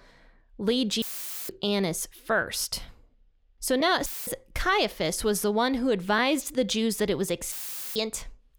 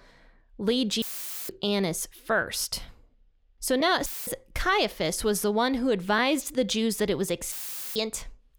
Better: neither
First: audio cutting out; filled with static; at 1 s, at 4 s and at 7.5 s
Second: audio cutting out; filled with static; at 1 s, at 4 s and at 7.5 s

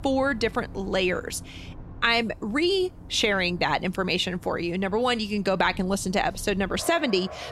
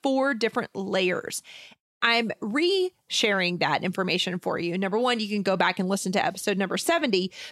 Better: second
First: traffic noise; noticeable; throughout; 20 dB below the speech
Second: none

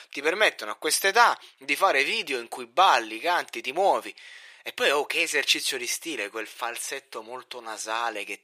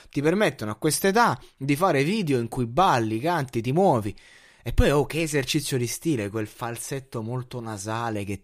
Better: second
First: thin; very; fading below 450 Hz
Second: none

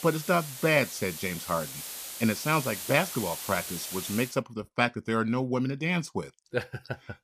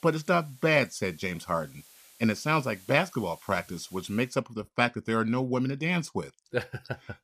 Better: second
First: hiss; loud; until 4.5 s; 7 dB below the speech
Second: hiss; faint; until 4.5 s; 25 dB below the speech

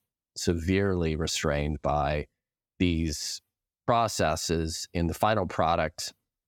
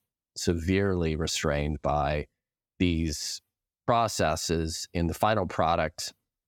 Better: neither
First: none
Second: none

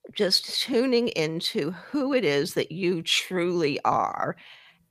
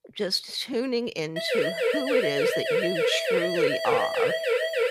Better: first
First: none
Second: siren; loud; from 1.5 s on; peak 5 dB above the speech

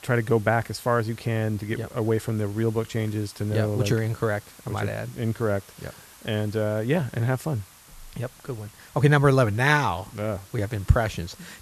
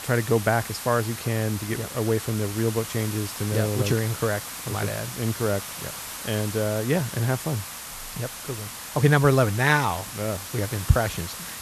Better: first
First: hiss; faint; throughout; 25 dB below the speech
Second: hiss; loud; throughout; 9 dB below the speech

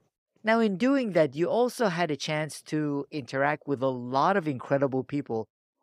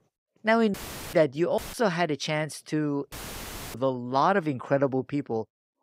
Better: first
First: none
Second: audio cutting out; filled with static; at 0.5 s, at 1.5 s and at 3 s for 0.5 s

